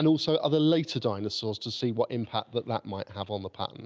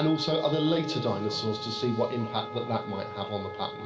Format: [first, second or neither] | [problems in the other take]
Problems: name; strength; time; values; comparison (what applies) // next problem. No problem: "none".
first | background sound (Wind instrument, woodwind instrument); 10 dB below the speech // room echo; dies away in 2.3 s